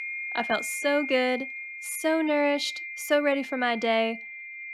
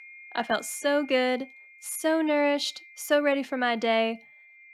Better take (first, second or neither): second